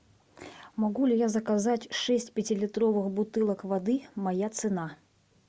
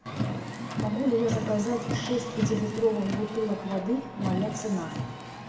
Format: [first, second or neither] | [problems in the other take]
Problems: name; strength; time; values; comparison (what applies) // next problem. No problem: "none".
first | background sound (Car); 4 dB below the speech // room echo; dies away in 1.1 s